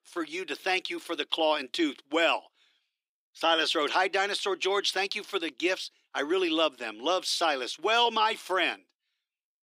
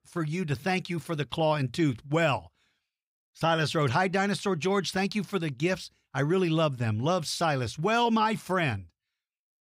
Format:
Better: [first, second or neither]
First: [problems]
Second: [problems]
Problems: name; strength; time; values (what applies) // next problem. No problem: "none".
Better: second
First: thin; very; fading below 300 Hz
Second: none